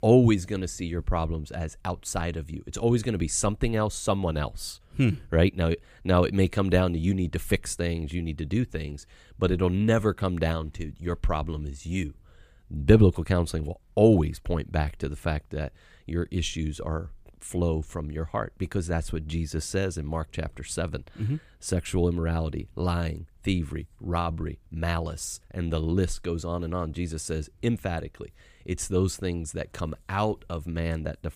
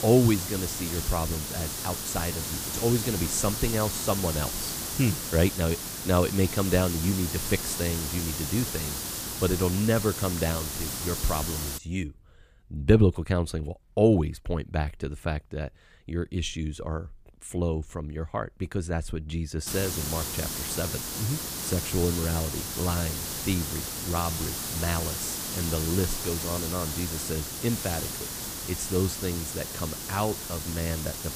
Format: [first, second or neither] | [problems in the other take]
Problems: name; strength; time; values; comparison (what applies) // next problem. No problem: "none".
first | hiss; loud; until 12 s and from 20 s on; 2 dB below the speech